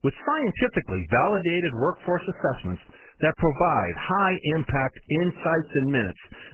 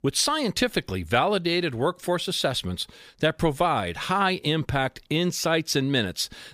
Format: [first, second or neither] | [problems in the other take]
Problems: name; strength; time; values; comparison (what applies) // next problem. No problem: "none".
second | garbled, watery; badly; nothing above 3 kHz